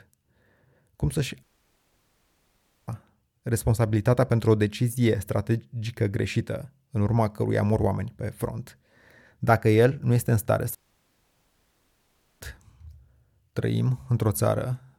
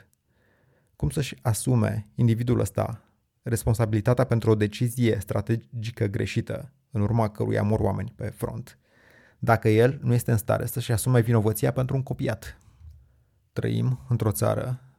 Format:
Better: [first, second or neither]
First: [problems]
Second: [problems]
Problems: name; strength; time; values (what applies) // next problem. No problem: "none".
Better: second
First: audio cutting out; at 1.5 s for 1.5 s and at 11 s for 1.5 s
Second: none